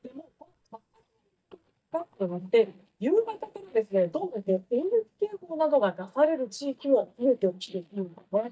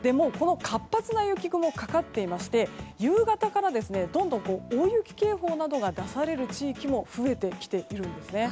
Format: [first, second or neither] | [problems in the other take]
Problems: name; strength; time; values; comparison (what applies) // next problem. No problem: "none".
second | noise reduction (neural mask model DeepFilterNet 3)